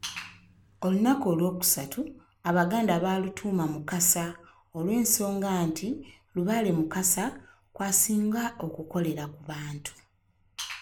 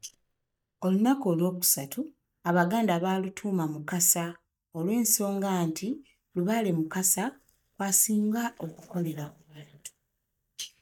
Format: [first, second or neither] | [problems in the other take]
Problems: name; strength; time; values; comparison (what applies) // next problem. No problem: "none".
first | noise reduction (neural mask model DeepFilterNet 3)